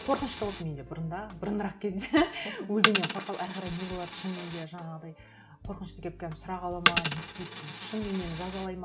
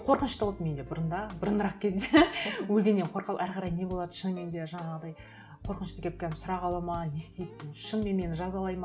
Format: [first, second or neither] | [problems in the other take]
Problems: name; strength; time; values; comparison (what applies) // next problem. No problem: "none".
second | background sound (Coin (dropping)); 2 dB below the speech